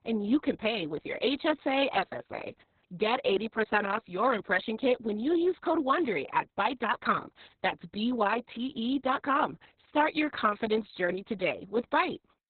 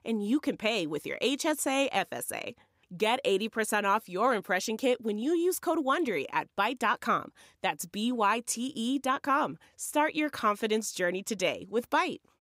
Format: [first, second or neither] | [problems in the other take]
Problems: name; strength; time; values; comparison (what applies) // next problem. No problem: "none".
second | garbled, watery; badly; nothing above 4 kHz